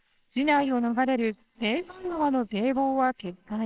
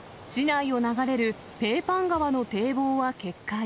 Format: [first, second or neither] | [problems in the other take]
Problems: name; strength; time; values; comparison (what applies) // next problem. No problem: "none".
second | noise reduction (neural separator model SepFormer WHAMR!)